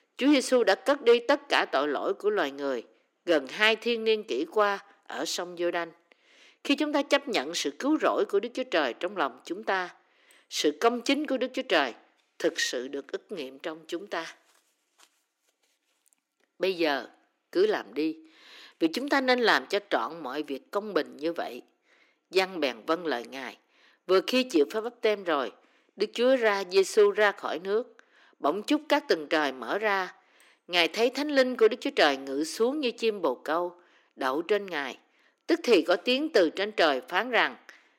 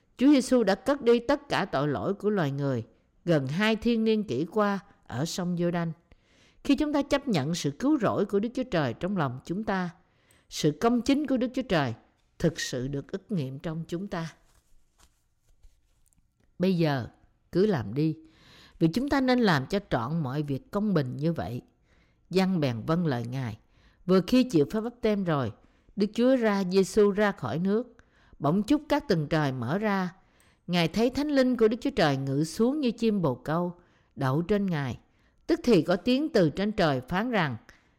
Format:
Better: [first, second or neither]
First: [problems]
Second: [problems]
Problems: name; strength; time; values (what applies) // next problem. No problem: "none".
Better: second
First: thin; somewhat; fading below 300 Hz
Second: none